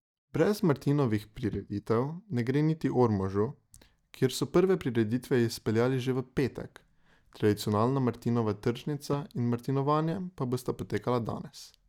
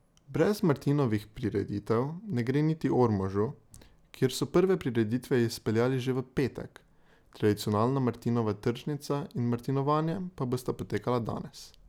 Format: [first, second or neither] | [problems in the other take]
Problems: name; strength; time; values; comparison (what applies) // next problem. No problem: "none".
second | noise reduction (neural mask model DeepFilterNet 3)